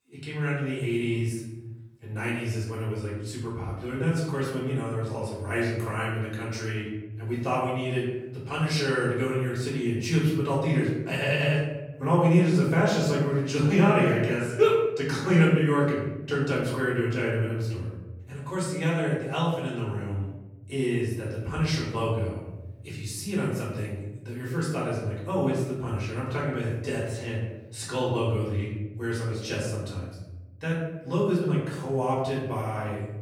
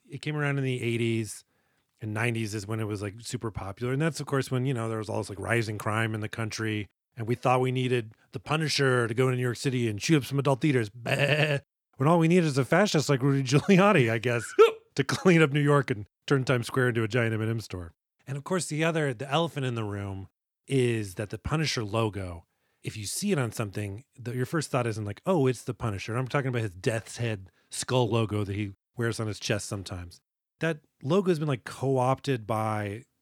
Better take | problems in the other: second | off-mic speech; far // room echo; noticeable; dies away in 1 s

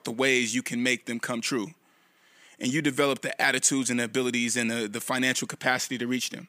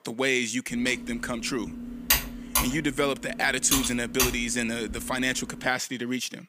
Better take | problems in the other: first | keyboard typing; loud; from 1 to 5 s; peak 4 dB above the speech

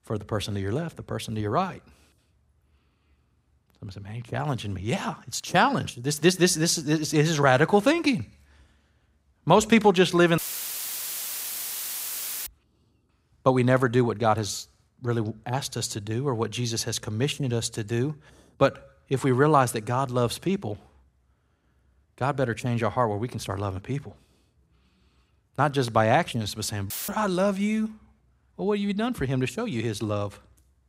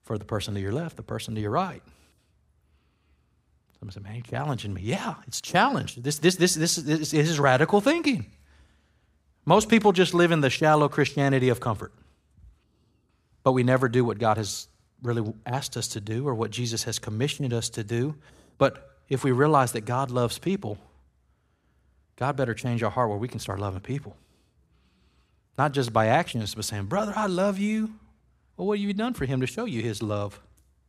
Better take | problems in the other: second | audio cutting out; filled with static; at 10 s for 2 s and at 27 s

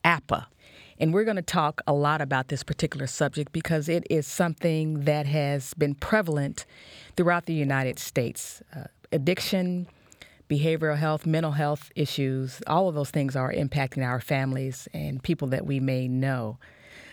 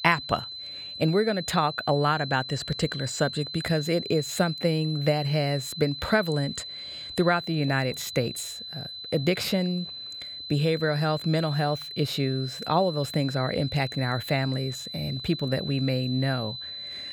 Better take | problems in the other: first | high-pitched whine; loud; throughout; 4 kHz, 8 dB below the speech

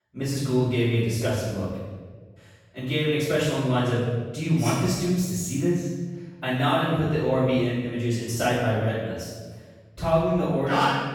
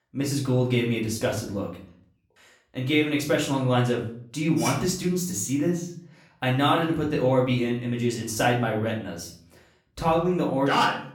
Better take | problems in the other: second | room echo; strong; dies away in 1.3 s; slight in the second // off-mic speech; far; far in the second

